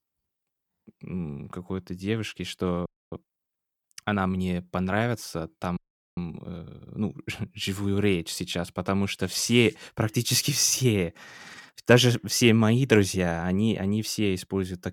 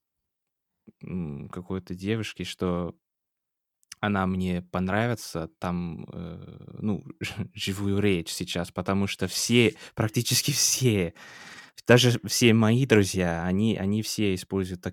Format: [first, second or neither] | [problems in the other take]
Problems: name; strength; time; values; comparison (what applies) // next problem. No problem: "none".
second | audio freezing; at 3 s and at 6 s